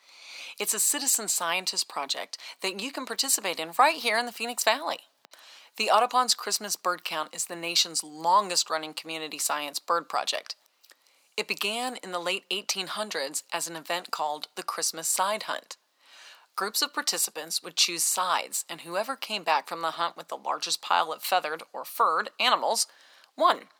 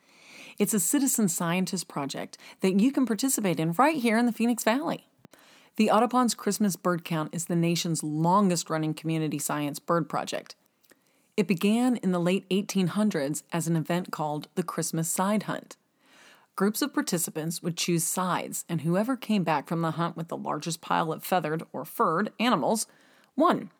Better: second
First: thin; very; fading below 750 Hz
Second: none

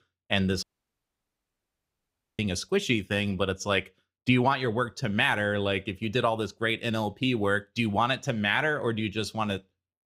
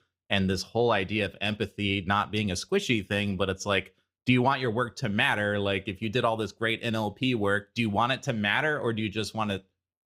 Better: second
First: audio cutting out; at 0.5 s for 2 s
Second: none

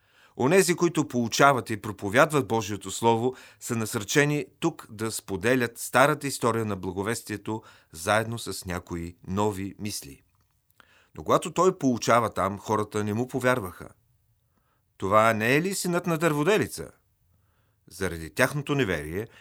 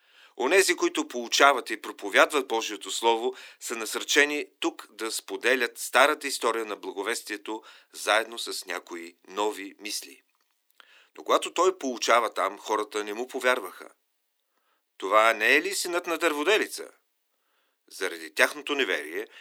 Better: first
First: none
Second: thin; somewhat; fading below 300 Hz

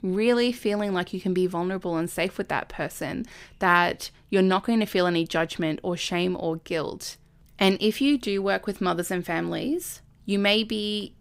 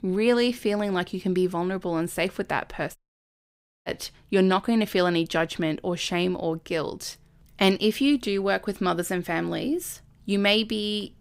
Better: first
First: none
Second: audio cutting out; at 3 s for 1 s

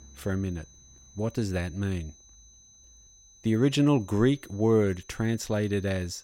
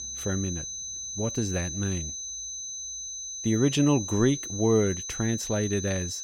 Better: first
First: high-pitched whine; faint; throughout; 6 kHz, 25 dB below the speech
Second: high-pitched whine; loud; throughout; 6 kHz, 6 dB below the speech

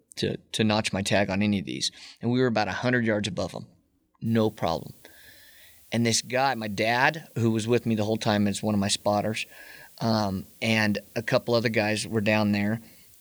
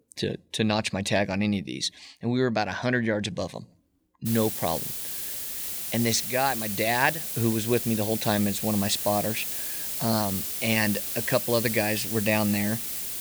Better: first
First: hiss; faint; from 4.5 s on; 25 dB below the speech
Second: hiss; loud; from 4.5 s on; 3 dB below the speech

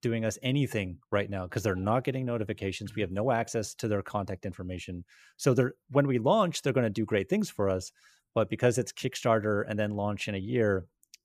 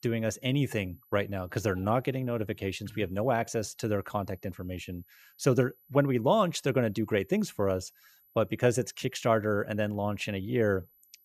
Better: first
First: none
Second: high-pitched whine; faint; throughout; 12 kHz, 30 dB below the speech

